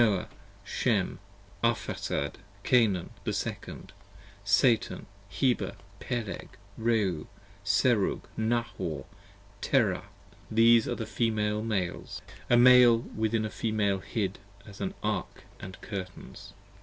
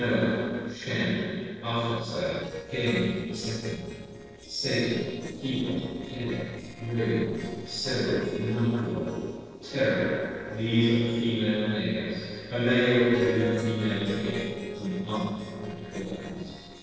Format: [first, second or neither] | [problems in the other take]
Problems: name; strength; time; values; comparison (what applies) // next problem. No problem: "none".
first | noise reduction (neural separator model SepFormer DNS4)